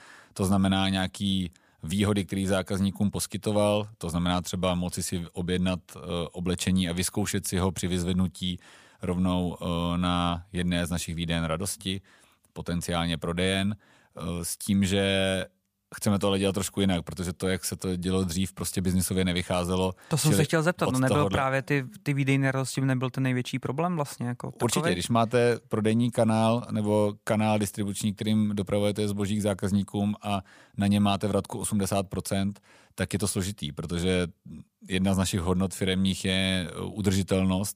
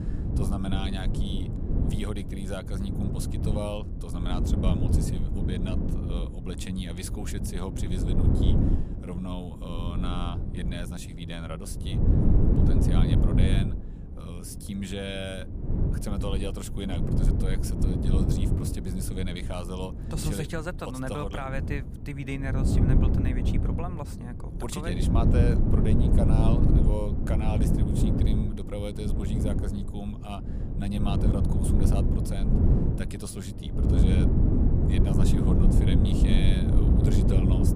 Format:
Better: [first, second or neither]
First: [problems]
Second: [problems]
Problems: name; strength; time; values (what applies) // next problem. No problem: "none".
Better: first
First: none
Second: wind noise on the microphone; heavy; 2 dB above the speech